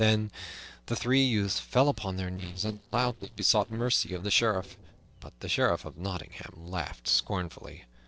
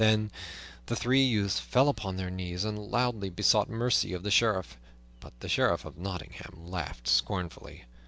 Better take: second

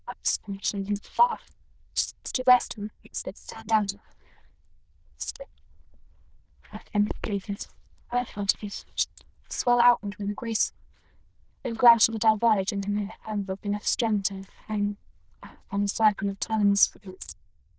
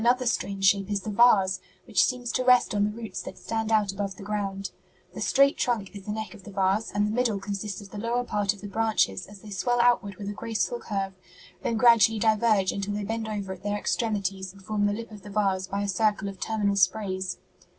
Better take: second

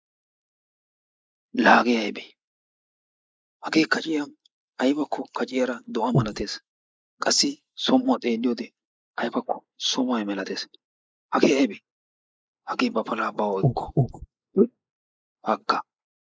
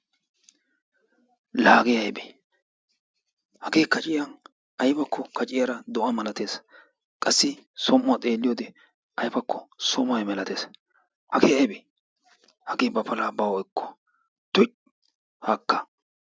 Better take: second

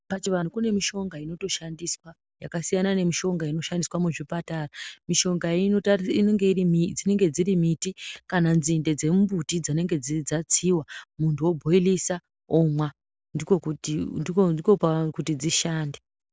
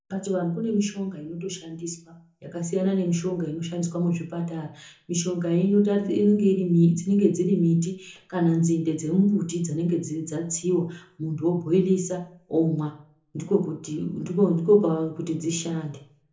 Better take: first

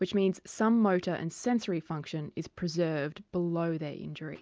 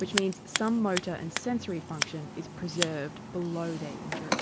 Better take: first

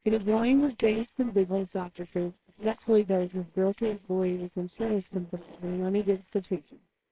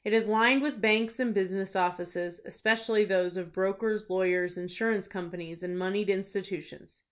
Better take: second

